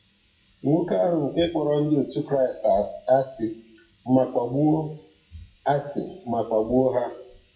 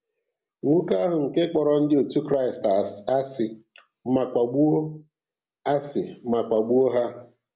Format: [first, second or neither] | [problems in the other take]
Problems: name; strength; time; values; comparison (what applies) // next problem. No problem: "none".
second | noise reduction (classical method WPE with log-MMSE)